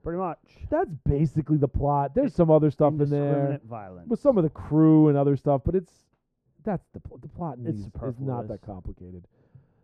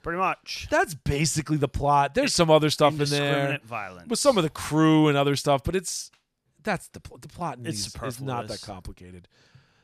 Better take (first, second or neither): second